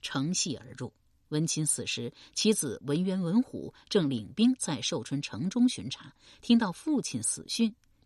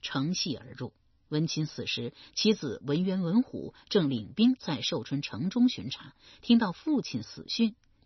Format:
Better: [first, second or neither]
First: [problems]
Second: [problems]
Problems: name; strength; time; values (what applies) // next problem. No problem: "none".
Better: first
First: none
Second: garbled, watery; slightly; nothing above 6 kHz